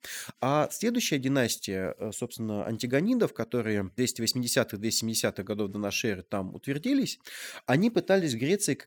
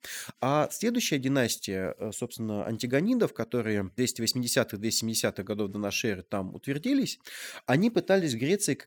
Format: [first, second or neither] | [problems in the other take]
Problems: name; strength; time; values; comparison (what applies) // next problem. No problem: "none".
neither | none